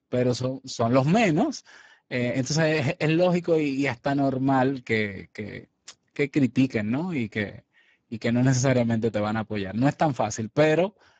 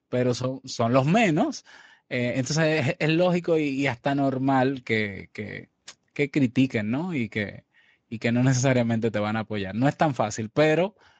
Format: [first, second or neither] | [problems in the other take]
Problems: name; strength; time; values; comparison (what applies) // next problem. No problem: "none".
second | garbled, watery; badly; slightly in the second